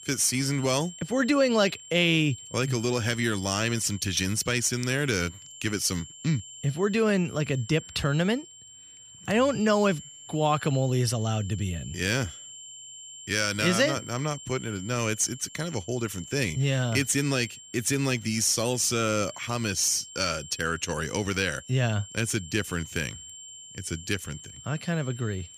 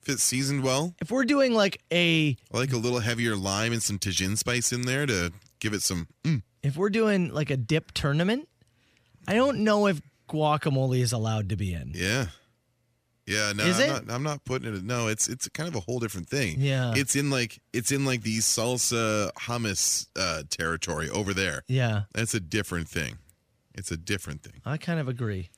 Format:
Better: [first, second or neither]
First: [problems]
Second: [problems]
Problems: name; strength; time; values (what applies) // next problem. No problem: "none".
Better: second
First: high-pitched whine; noticeable; throughout; 7.5 kHz, 15 dB below the speech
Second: none